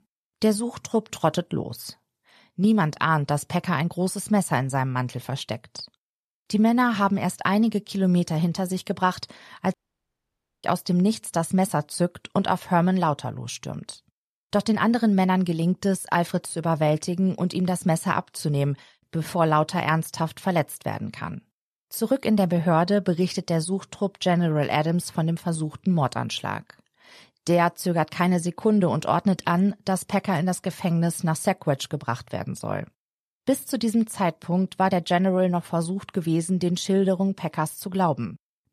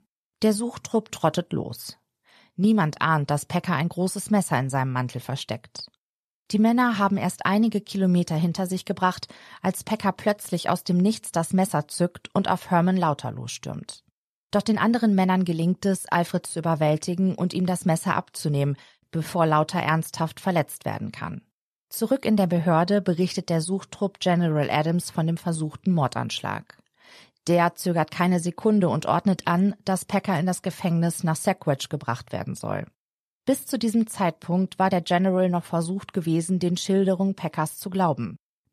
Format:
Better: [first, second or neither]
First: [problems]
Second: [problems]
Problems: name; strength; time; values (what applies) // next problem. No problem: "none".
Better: second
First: audio cutting out; at 9.5 s for 1 s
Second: none